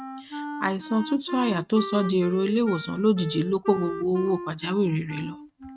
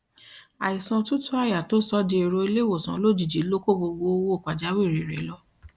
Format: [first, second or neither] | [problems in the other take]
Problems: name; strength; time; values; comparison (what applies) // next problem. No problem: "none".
second | noise reduction (neural mask model RNNoise)